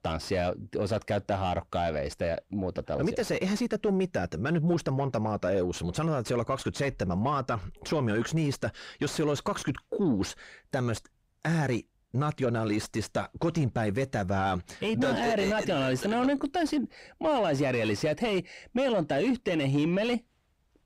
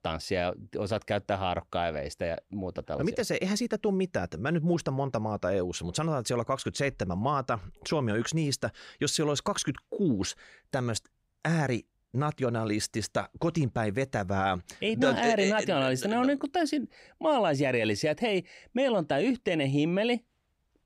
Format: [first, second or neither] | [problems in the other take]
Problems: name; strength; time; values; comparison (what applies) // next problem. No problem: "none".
second | distortion; slight; 10 dB below the speech